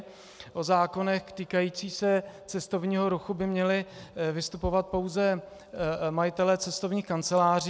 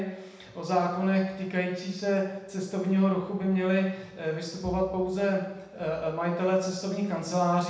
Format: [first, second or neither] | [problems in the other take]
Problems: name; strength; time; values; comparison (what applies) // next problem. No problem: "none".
first | room echo; dies away in 0.9 s